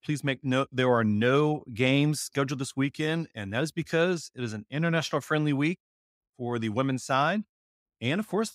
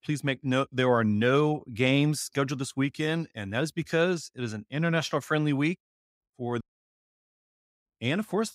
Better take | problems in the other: first | audio cutting out; at 6.5 s for 1 s

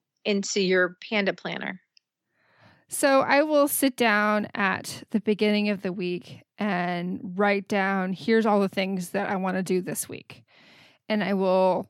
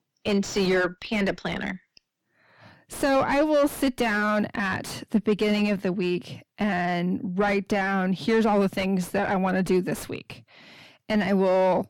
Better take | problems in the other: first | distortion; heavy; 6 dB below the speech

